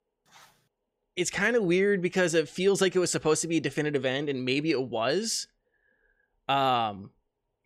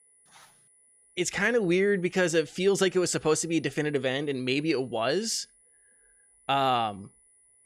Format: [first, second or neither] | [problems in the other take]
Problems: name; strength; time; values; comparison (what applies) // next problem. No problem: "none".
first | high-pitched whine; faint; throughout; 10 kHz, 30 dB below the speech